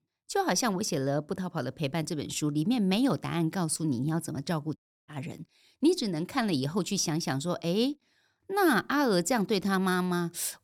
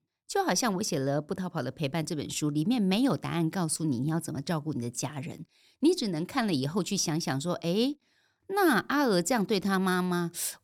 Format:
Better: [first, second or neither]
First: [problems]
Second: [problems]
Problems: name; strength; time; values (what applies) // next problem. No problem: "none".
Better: second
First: audio cutting out; at 5 s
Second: none